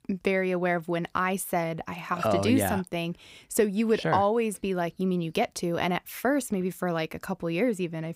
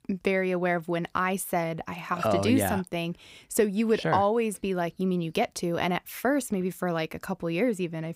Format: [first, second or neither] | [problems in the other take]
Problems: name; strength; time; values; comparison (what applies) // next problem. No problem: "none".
neither | none